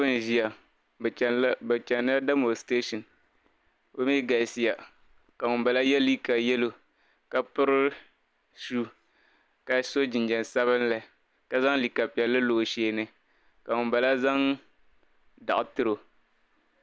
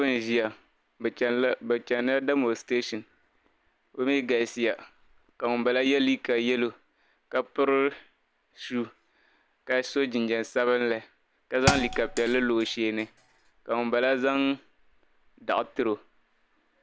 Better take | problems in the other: first | background sound (Thump, thud); 7 dB below the speech

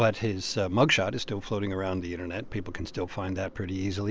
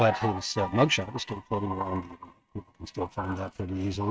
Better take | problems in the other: first | noise reduction (neural mask model RNNoise)

